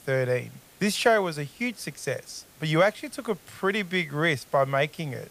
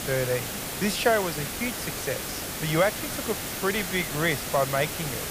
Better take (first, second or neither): first